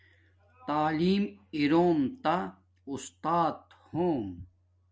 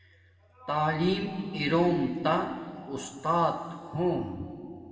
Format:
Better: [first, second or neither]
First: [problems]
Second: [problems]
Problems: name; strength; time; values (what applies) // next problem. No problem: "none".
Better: first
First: none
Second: room echo; dies away in 2.1 s